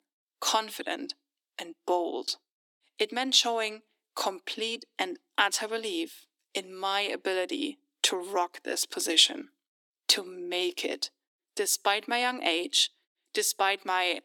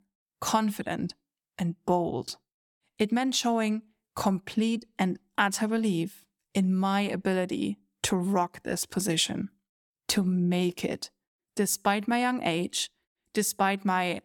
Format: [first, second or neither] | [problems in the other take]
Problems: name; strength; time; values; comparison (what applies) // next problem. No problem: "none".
second | thin; somewhat; fading below 300 Hz